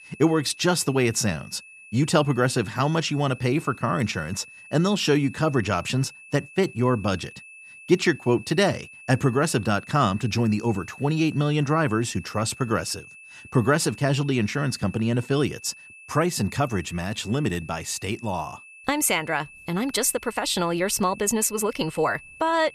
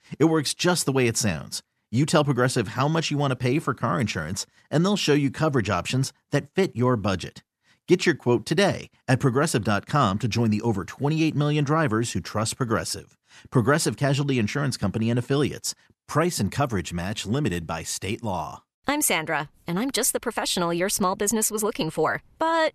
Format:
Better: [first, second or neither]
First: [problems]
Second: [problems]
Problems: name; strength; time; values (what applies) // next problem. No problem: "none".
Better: second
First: high-pitched whine; noticeable; throughout; 2.5 kHz, 20 dB below the speech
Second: none